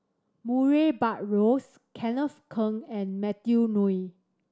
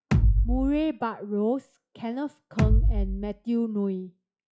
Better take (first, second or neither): first